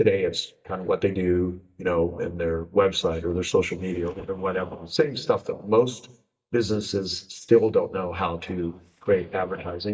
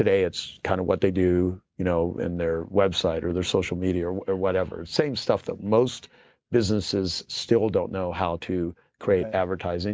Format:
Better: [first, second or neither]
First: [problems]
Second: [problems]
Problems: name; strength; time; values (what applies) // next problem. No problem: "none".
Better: second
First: noise reduction (neural mask model DeepFilterNet 3)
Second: none